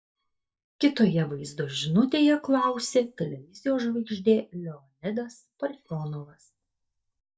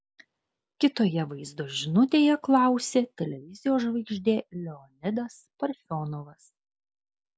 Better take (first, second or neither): second